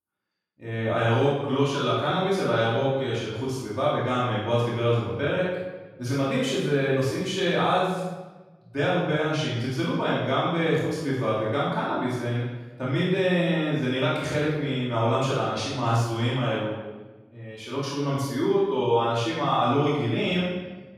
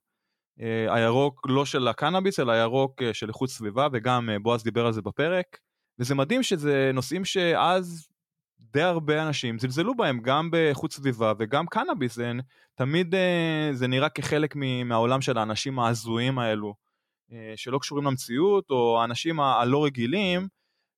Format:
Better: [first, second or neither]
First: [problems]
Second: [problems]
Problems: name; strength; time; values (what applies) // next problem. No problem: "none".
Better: second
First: off-mic speech; far // room echo; strong; dies away in 1 s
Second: none